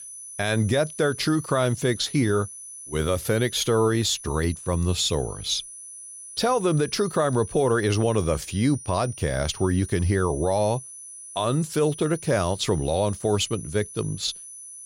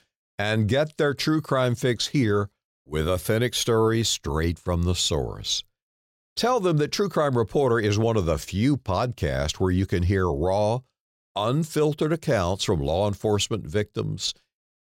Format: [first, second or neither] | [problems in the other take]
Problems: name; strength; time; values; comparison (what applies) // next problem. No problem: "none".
second | high-pitched whine; noticeable; throughout; 10 kHz, 15 dB below the speech